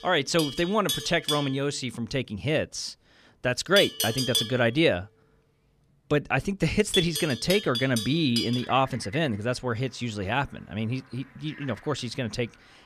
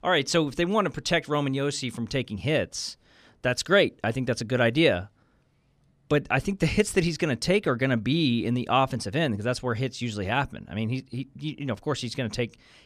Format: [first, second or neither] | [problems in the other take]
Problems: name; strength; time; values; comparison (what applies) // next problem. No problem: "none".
second | animal sounds; loud; throughout; 3 dB below the speech